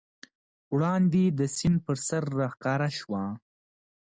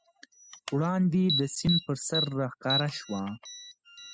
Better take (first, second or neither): first